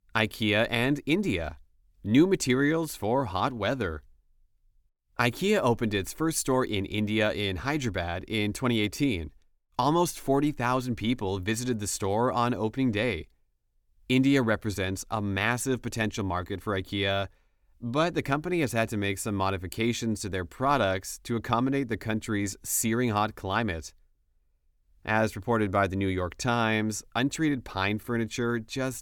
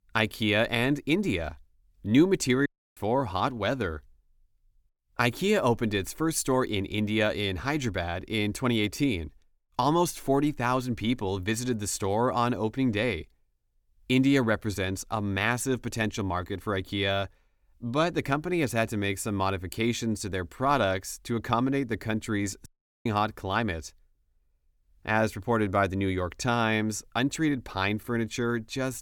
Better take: first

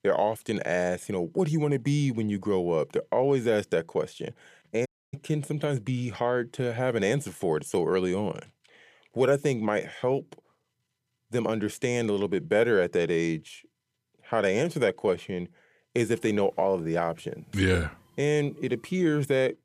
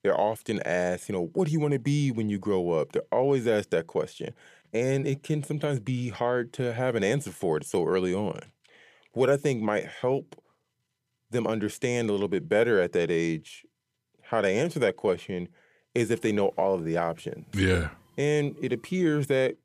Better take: second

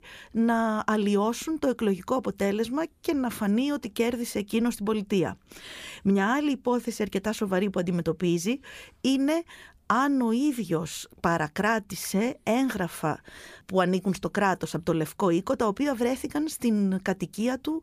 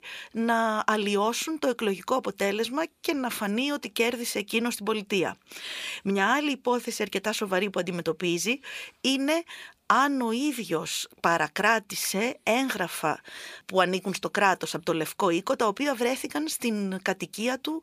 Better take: first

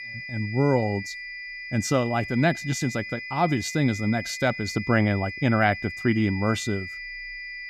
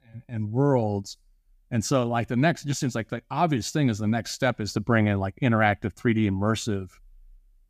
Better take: second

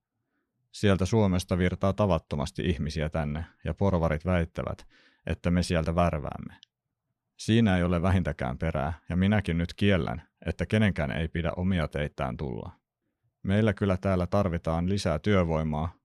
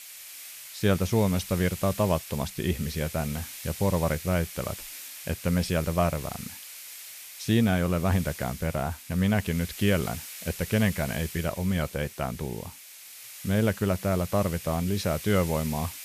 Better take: first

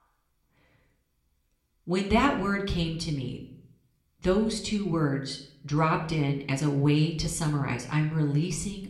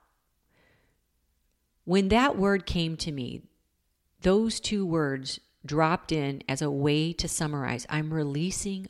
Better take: second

